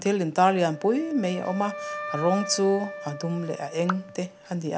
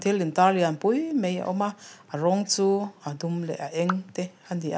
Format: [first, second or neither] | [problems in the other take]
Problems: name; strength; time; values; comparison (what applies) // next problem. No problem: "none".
second | background sound (Wind instrument, woodwind instrument); 12 dB below the speech